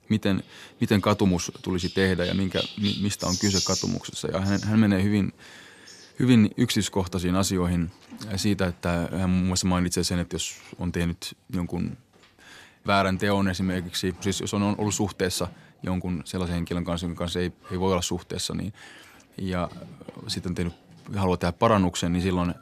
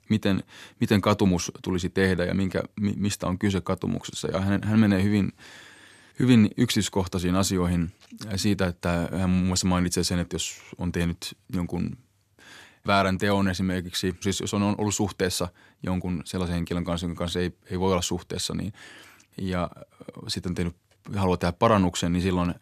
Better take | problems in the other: second | animal sounds; loud; throughout; 8 dB below the speech

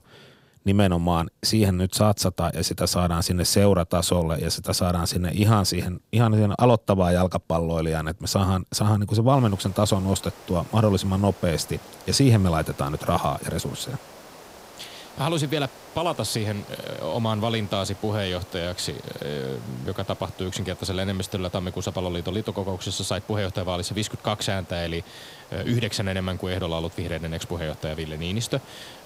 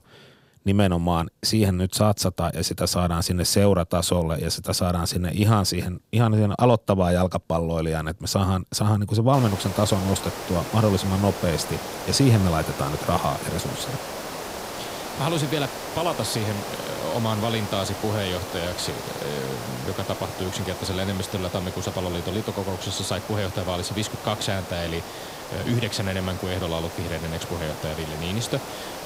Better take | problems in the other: first | hiss; loud; from 9.5 s on; 9 dB below the speech; faint in the first

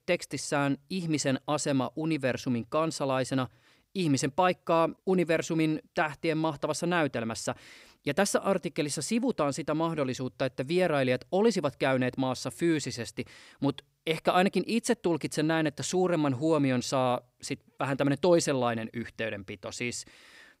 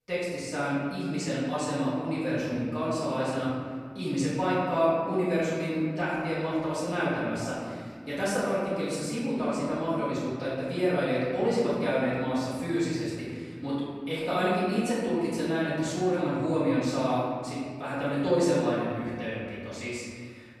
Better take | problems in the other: first | off-mic speech; far // room echo; strong; dies away in 1.9 s

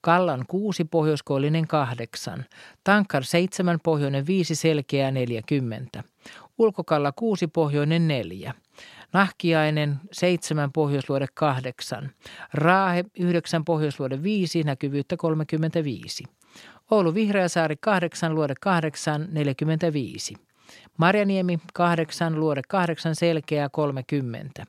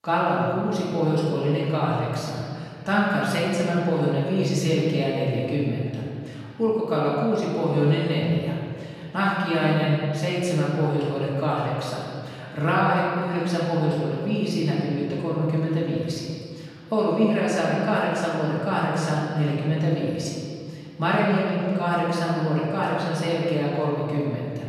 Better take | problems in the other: first | off-mic speech; far // room echo; strong; dies away in 2.1 s

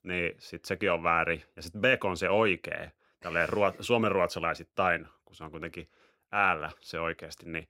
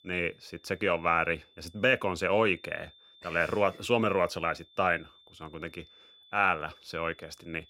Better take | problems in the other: first | high-pitched whine; faint; throughout; 3.5 kHz, 30 dB below the speech

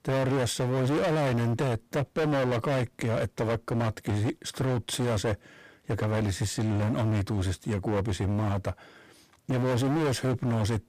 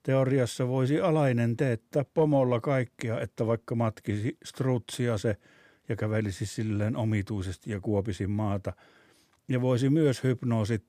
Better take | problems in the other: second | distortion; heavy; 29% of the sound clipped

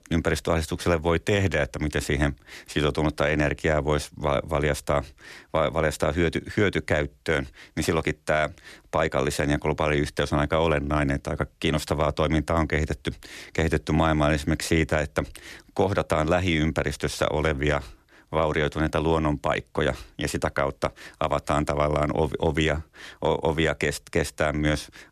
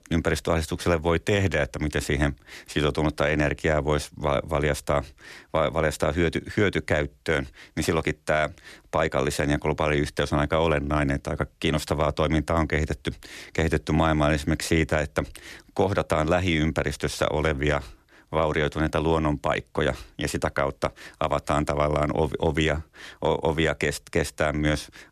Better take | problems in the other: neither | none

